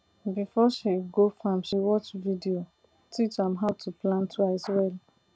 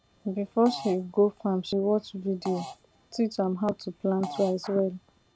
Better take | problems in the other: first | background sound (Fart); 17 dB below the speech

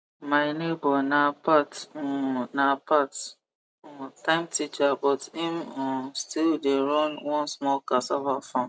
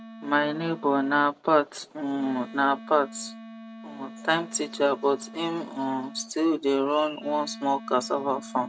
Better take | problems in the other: first | background sound (Wind instrument, woodwind instrument); 17 dB below the speech

